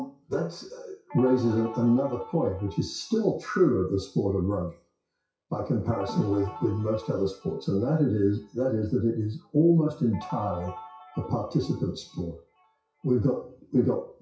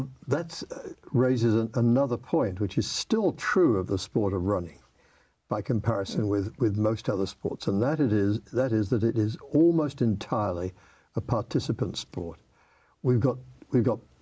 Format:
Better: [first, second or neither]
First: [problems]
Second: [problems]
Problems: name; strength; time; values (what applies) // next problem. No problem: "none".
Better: second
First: noise reduction (classical method WPE with log-MMSE)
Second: none